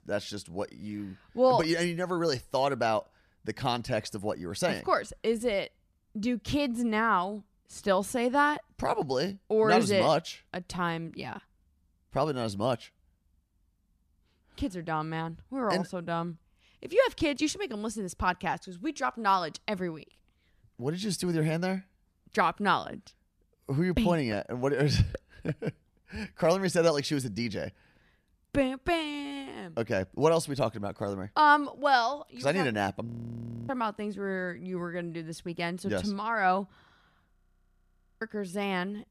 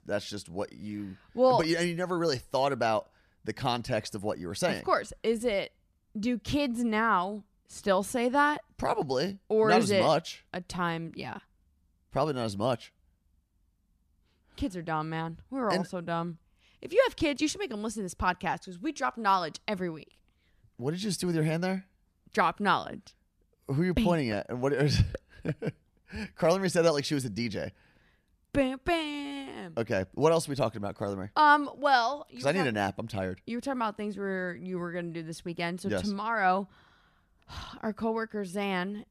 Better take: second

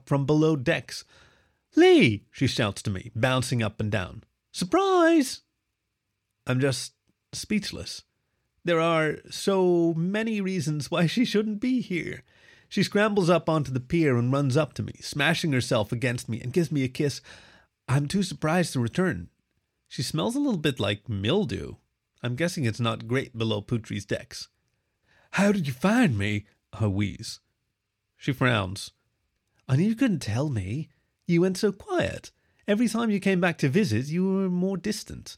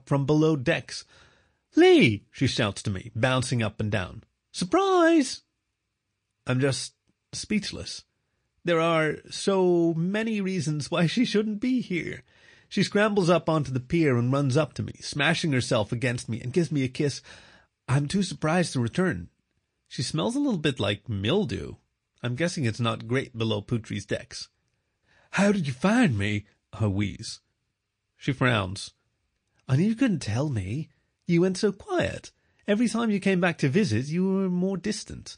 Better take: first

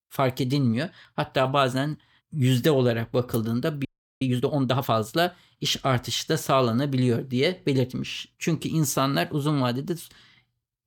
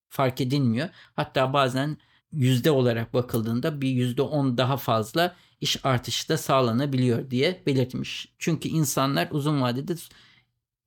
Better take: second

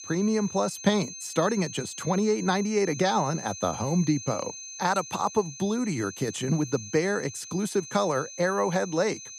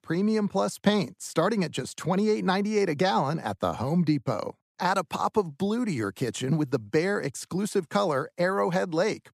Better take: second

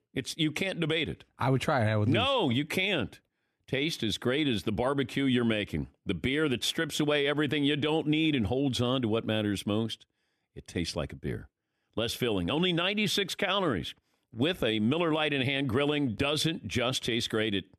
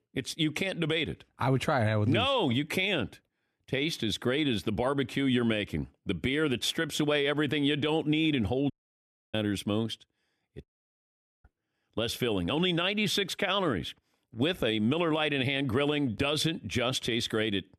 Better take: first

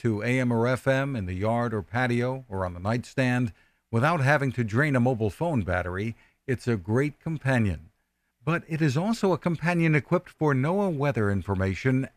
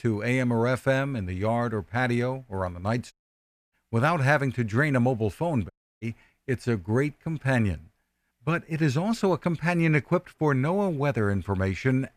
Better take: first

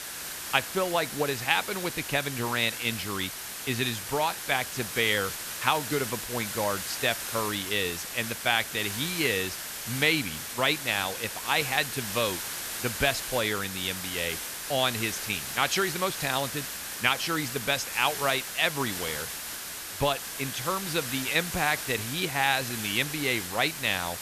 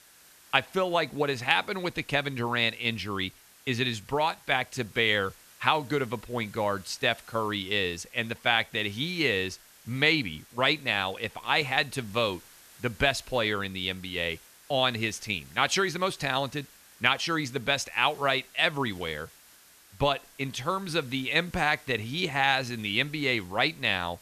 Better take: second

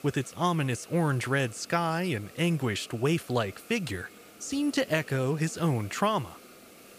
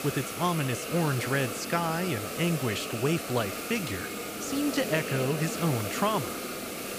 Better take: first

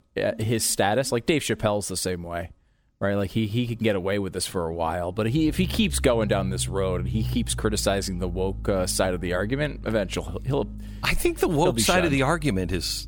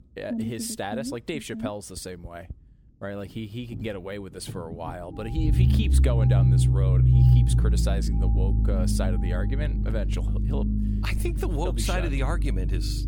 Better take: first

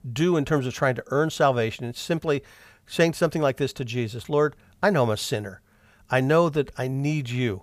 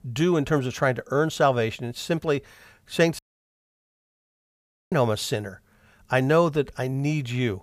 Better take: first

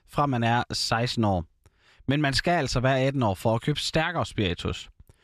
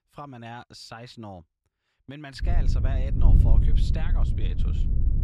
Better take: first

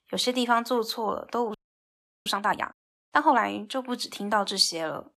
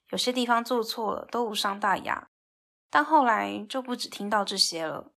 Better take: second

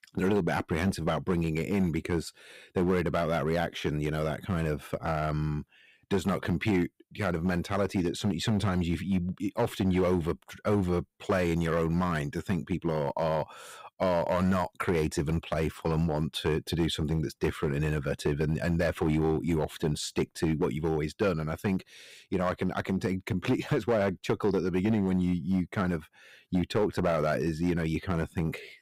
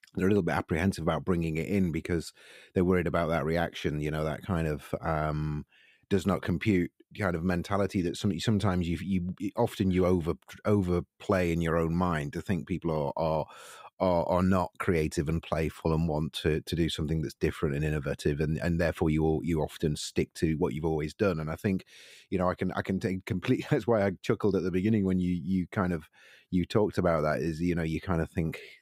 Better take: second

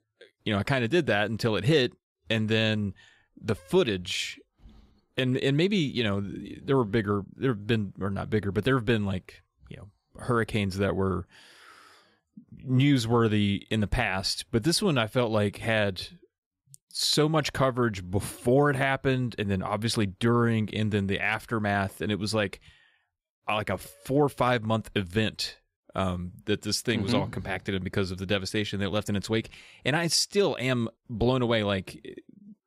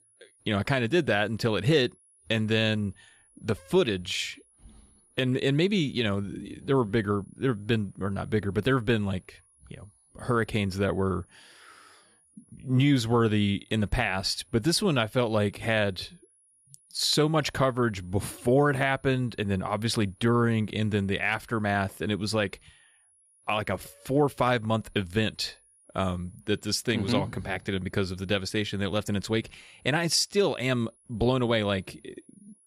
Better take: first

